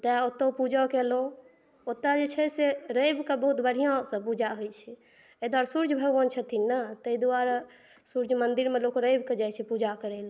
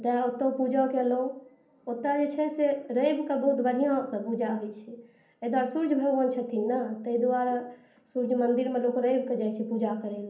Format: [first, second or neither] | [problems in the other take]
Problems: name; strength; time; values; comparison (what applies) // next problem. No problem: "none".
first | room echo; dies away in 0.6 s